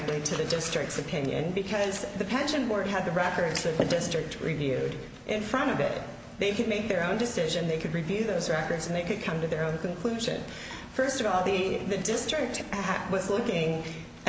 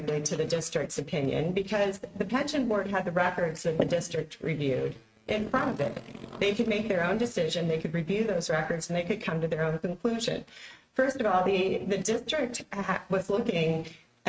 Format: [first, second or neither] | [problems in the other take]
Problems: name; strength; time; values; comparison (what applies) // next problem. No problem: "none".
first | noise reduction (neural mask model RNNoise)